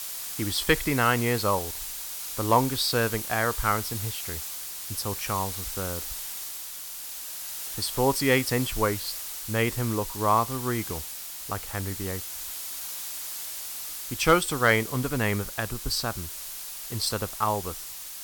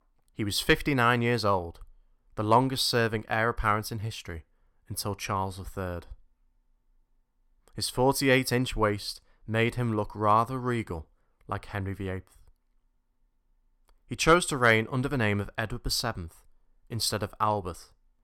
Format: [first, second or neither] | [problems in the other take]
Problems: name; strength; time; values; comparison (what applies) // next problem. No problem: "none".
second | hiss; loud; throughout; 6 dB below the speech